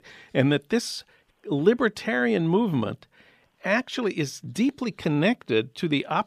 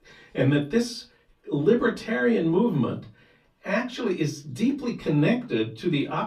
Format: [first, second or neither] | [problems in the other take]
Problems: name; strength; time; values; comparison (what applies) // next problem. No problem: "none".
first | off-mic speech; far // room echo; very slight; dies away in 0.3 s